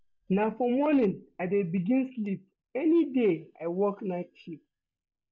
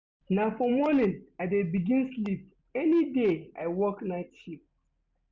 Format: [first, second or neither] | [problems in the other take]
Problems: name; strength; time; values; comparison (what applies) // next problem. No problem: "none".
second | noise reduction (neural mask model DeepFilterNet 3)